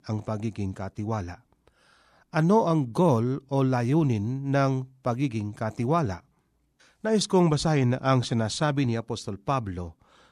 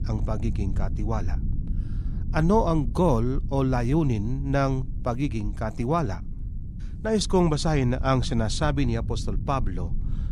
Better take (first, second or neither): first